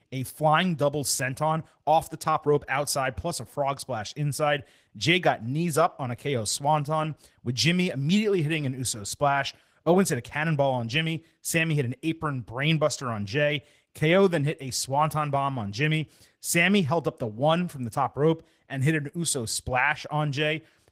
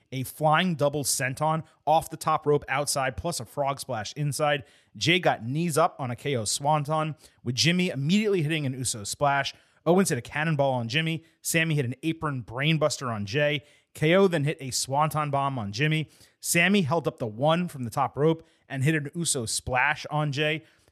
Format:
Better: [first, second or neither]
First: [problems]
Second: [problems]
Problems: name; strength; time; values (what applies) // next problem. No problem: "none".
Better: second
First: garbled, watery; slightly; nothing above 15.5 kHz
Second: none